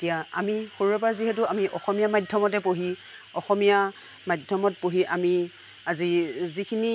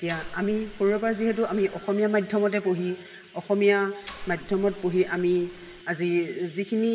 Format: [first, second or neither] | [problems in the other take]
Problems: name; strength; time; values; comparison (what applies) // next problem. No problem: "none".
first | background sound (Mechanisms); 17 dB below the speech // room echo; dies away in 1.8 s